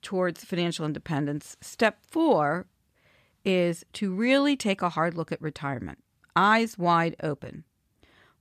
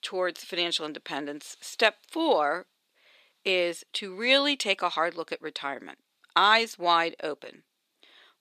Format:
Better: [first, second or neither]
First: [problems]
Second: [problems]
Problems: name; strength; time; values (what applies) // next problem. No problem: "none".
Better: first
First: none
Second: thin; somewhat; fading below 350 Hz